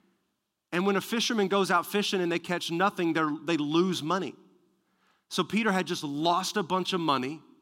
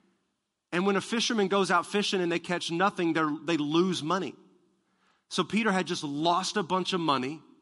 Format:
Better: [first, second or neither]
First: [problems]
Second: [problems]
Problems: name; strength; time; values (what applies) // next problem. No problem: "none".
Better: first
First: none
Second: garbled, watery; slightly; nothing above 11 kHz